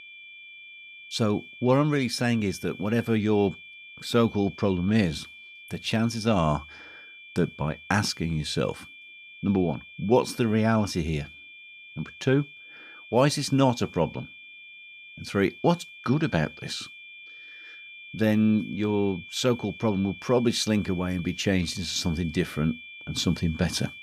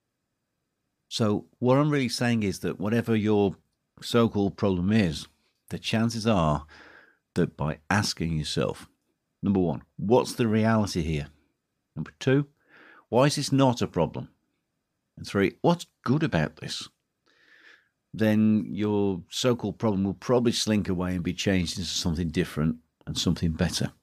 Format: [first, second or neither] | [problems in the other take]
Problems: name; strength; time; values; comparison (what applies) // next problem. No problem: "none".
second | high-pitched whine; noticeable; throughout; 2.5 kHz, 15 dB below the speech